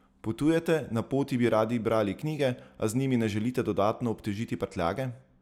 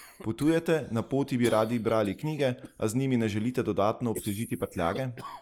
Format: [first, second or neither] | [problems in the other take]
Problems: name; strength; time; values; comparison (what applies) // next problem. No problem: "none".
first | noise reduction (neural mask model Resemble Enhance denoiser)